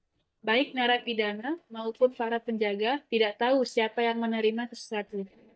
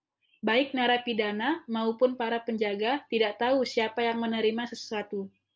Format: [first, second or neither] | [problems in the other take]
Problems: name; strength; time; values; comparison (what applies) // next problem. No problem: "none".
second | noise reduction (neural mask model DeepFilterNet 3)